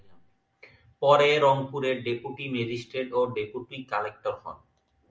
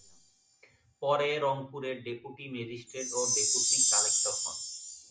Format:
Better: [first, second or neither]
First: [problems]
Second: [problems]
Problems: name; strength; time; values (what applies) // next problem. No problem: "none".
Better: first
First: none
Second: background sound (Chime); 4 dB above the speech